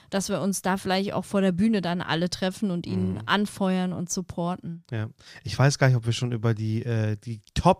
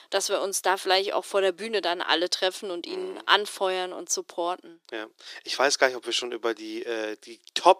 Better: first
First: none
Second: thin; very; fading below 350 Hz

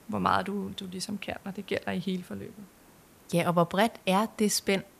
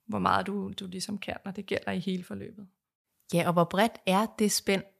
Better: second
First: hiss; faint; throughout; 25 dB below the speech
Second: none

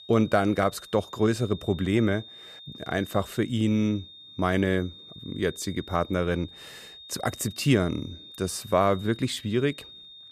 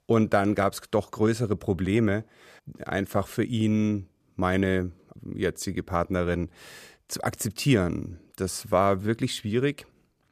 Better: second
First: high-pitched whine; noticeable; throughout; 3.5 kHz, 15 dB below the speech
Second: none

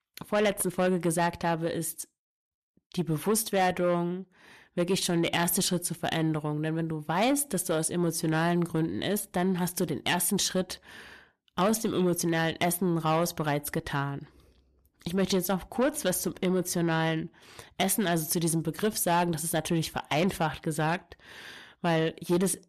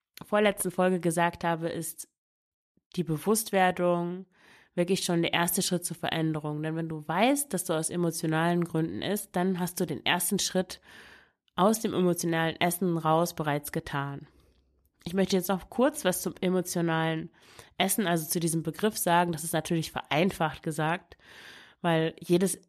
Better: second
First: distortion; slight; 10 dB below the speech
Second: none

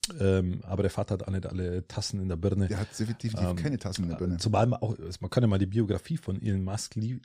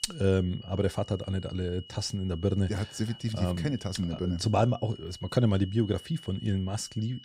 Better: first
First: none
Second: high-pitched whine; noticeable; throughout; 3 kHz, 20 dB below the speech

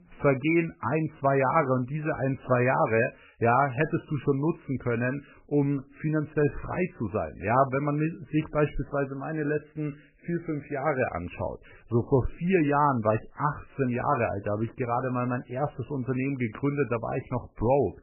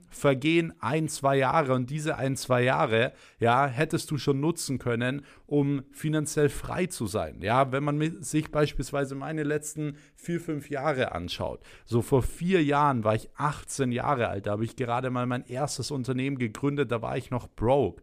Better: second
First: garbled, watery; badly; nothing above 2.5 kHz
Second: none

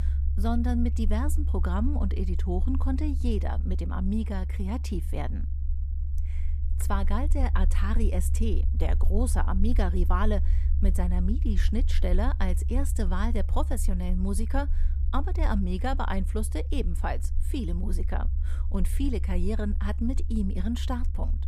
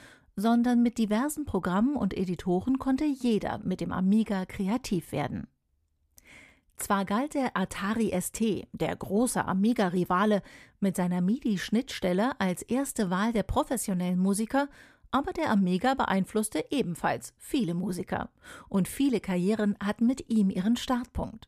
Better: second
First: low rumble; noticeable; throughout; 15 dB below the speech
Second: none

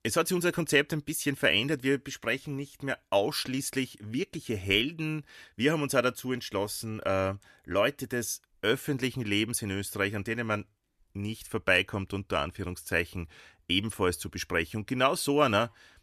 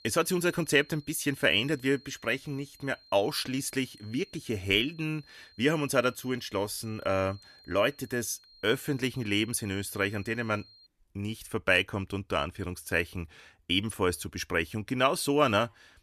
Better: first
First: none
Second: high-pitched whine; faint; until 11 s; 4 kHz, 25 dB below the speech

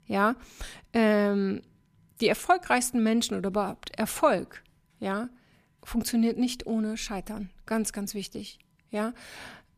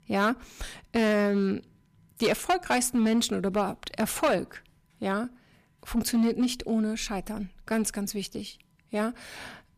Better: first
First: none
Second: distortion; slight; 5% of the sound clipped

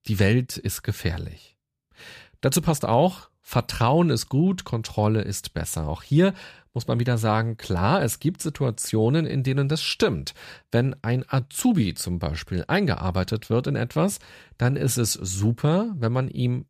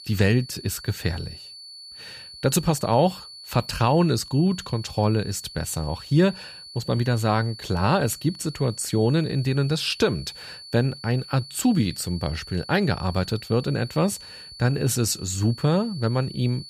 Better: first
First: none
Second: high-pitched whine; noticeable; throughout; 4.5 kHz, 15 dB below the speech

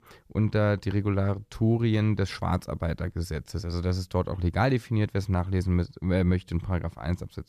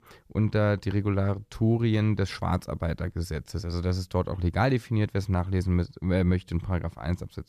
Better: neither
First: none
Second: none

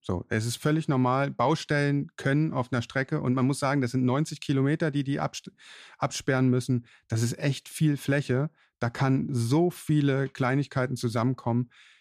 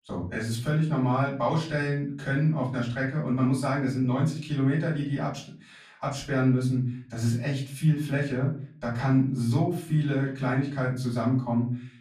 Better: first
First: none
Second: off-mic speech; far // room echo; slight; dies away in 0.4 s

